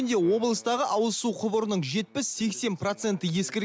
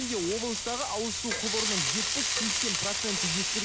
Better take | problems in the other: first | background sound (Frying (food)); 4 dB above the speech

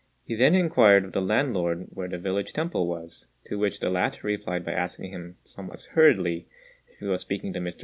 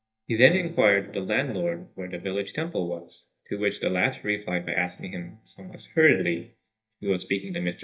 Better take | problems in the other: first | noise reduction (neural mask model DeepFilterNet 3)

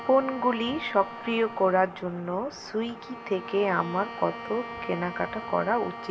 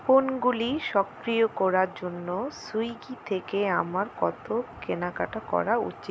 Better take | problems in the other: second | background sound (Bowed string instrument); 13 dB below the speech // room echo; dies away in 1.4 s

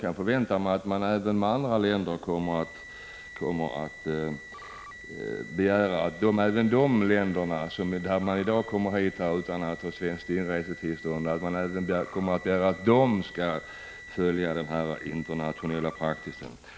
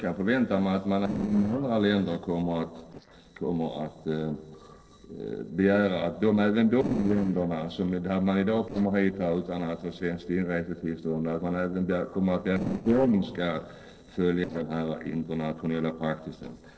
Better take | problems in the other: first | noise reduction (neural separator model SepFormer DNS4)

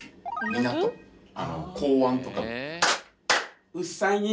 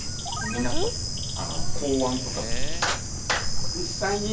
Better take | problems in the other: first | background sound (Bird / Insect); 4 dB above the speech

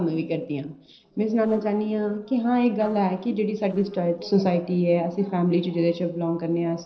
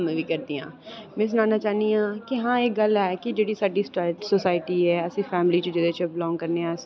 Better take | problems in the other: second | noise reduction (neural separator model SepFormer DNS4)

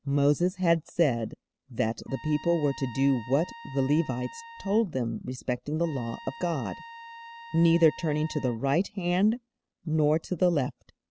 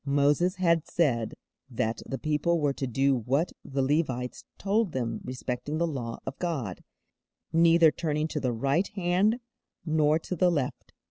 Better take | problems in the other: second | background sound (Trumpet); 18 dB below the speech

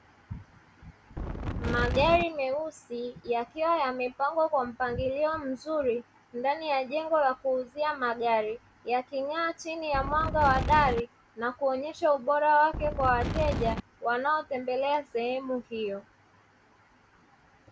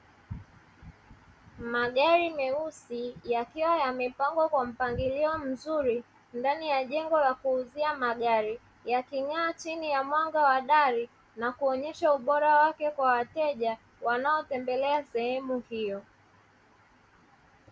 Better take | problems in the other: second | background sound (Wind); 2 dB below the speech

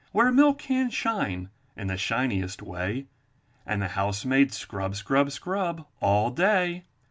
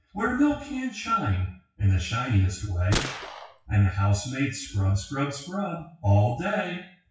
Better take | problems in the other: first | noise reduction (classical method WPE with log-MMSE)

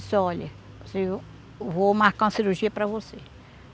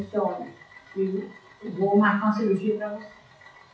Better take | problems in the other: first | noise reduction (classical method WPE with log-MMSE)

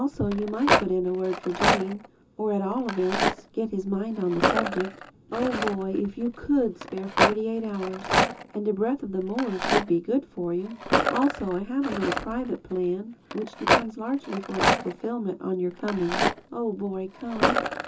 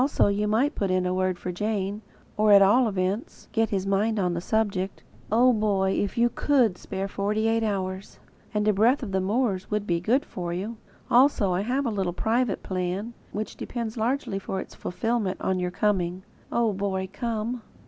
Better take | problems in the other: second | background sound (Rattle); as loud as the speech // room echo; dies away in 0.2 s

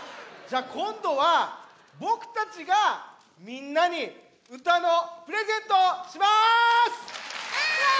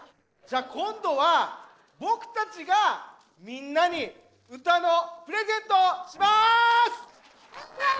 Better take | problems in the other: first | noise reduction (neural separator model SepFormer DNS4)

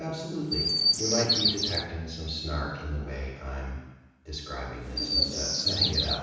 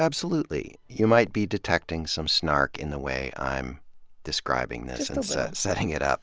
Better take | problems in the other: second | background sound (Chirp, tweet); 2 dB above the speech // room echo; dies away in 1.1 s

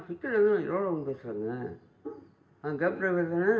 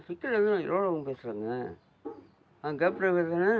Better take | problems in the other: second | room echo; dies away in 1.2 s

